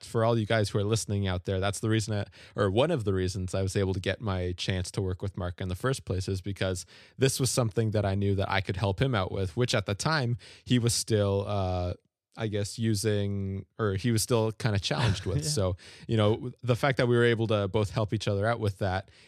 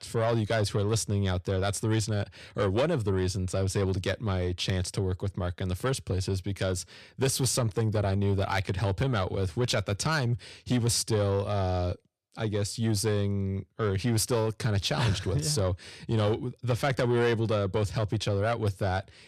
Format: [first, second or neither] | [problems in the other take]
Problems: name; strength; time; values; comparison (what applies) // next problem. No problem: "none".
first | distortion; slight; 10 dB below the speech